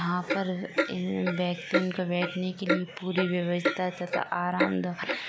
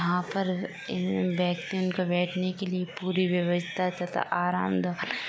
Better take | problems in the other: second | background sound (Clock); 3 dB below the speech

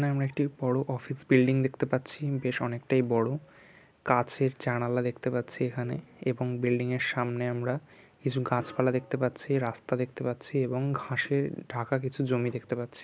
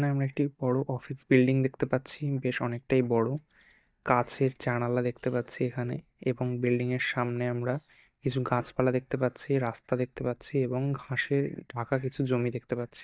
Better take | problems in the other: first | noise reduction (neural mask model DeepFilterNet 3)

